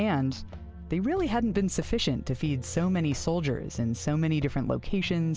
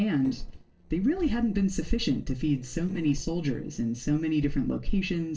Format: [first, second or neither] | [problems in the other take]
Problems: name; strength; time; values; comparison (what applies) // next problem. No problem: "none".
first | noise reduction (neural separator model SepFormer DNS4)